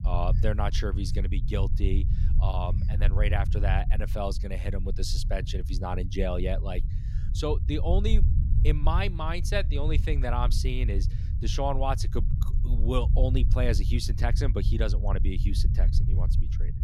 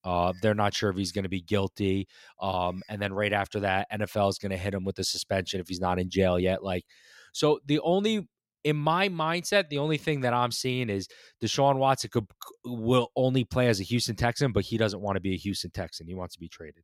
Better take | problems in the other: second | low rumble; noticeable; throughout; 10 dB below the speech

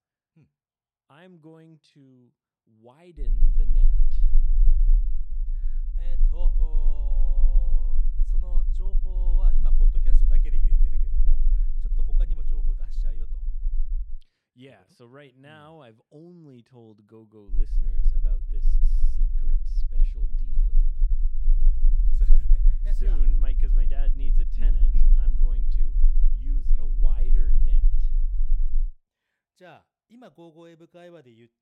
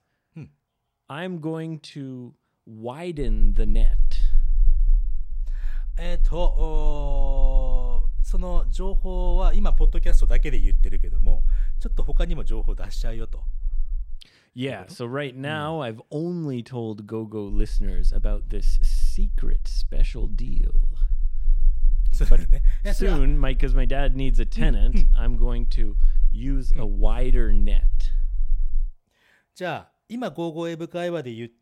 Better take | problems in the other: second | low rumble; loud; from 3 to 14 s and from 17 to 29 s; 3 dB below the speech; faint in the second

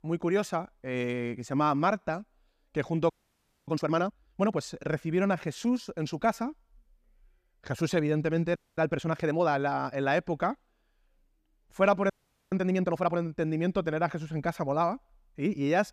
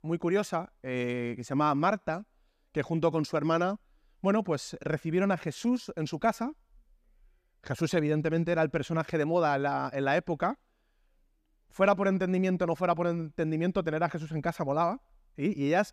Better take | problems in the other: second | audio freezing; at 3 s for 0.5 s, at 8.5 s and at 12 s

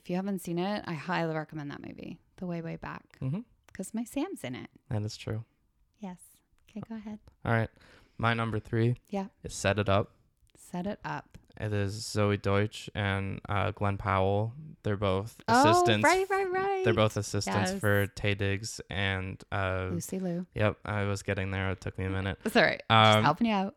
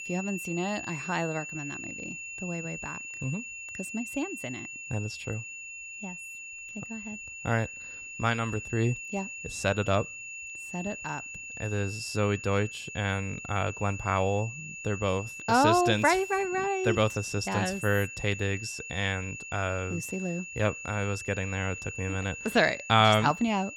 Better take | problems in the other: first | high-pitched whine; loud; throughout; 2.5 kHz, 9 dB below the speech

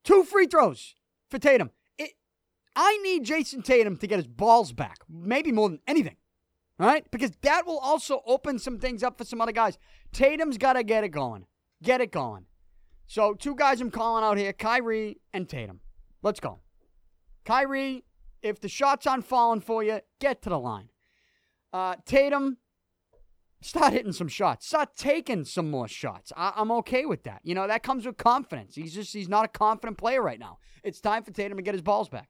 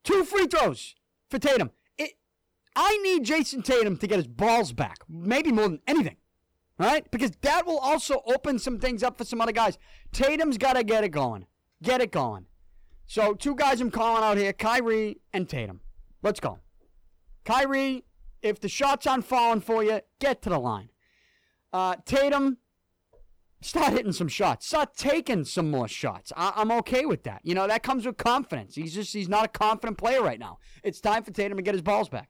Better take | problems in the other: first | distortion; heavy; 9% of the sound clipped

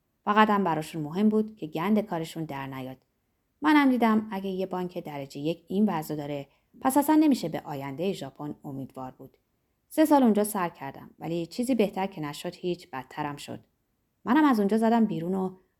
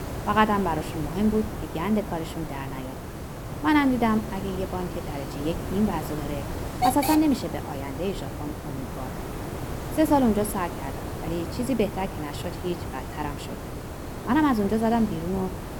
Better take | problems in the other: first | hiss; loud; throughout; 7 dB below the speech

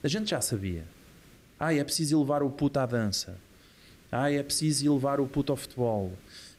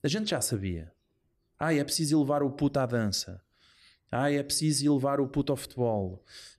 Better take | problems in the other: second | hiss; faint; throughout; 25 dB below the speech

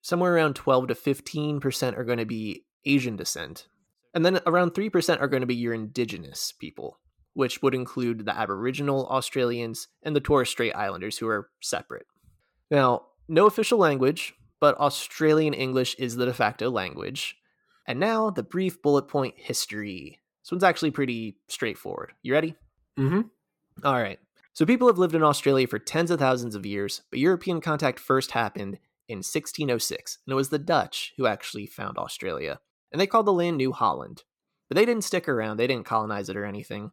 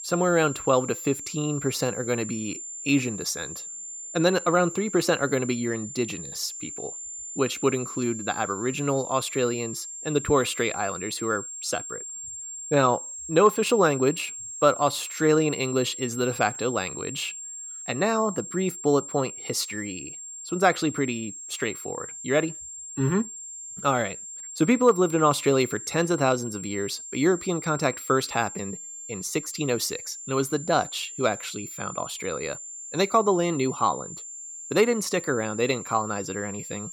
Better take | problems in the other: first | high-pitched whine; loud; throughout; 7.5 kHz, 10 dB below the speech

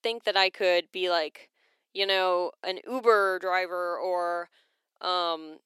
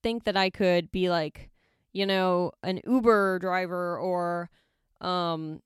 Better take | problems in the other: second | thin; very; fading below 400 Hz

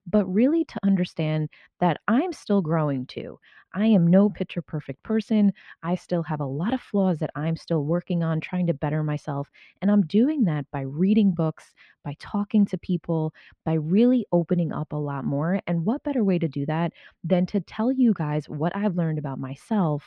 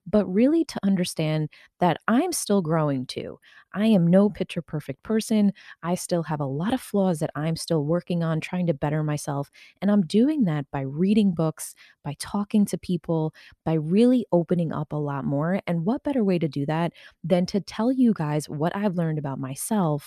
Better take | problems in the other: second | muffled; slightly; fading above 2.5 kHz

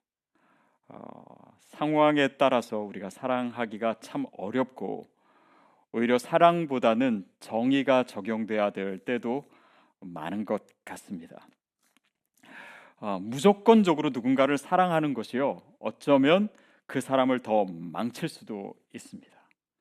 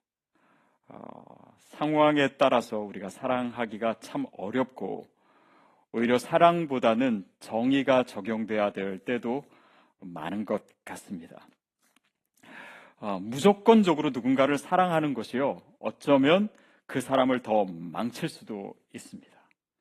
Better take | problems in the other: first | garbled, watery; slightly; nothing above 14.5 kHz

